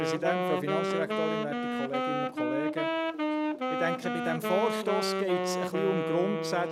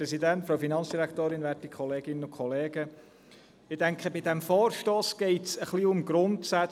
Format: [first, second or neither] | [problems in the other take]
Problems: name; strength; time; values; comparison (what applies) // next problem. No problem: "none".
second | background sound (Wind instrument, woodwind instrument); 2 dB above the speech